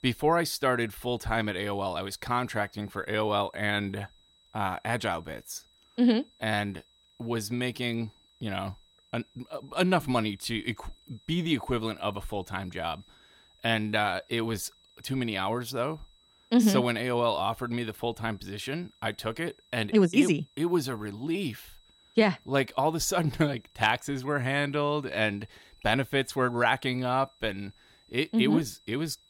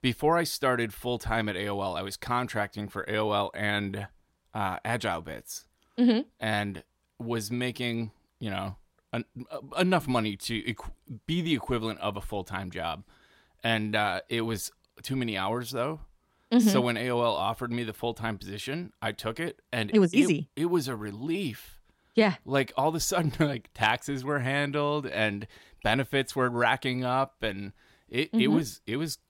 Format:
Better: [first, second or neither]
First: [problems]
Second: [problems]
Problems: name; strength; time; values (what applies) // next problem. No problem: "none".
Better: second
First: high-pitched whine; faint; throughout; 4 kHz, 30 dB below the speech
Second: none